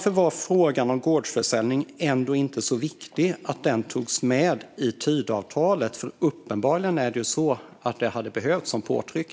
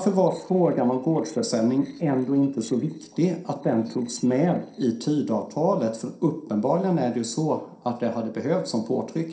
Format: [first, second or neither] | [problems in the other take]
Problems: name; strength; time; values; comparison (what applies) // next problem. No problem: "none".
first | noise reduction (neural separator model SepFormer DNS4)